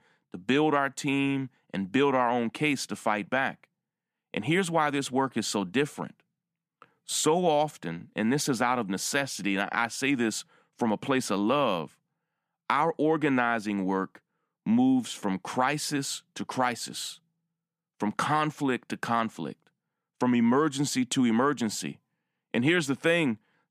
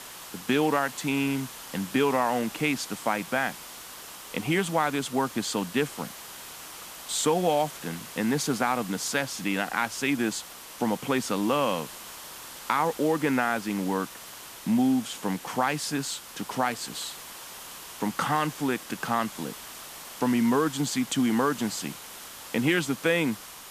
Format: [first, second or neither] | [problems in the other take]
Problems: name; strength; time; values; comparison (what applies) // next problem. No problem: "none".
first | hiss; noticeable; throughout; 15 dB below the speech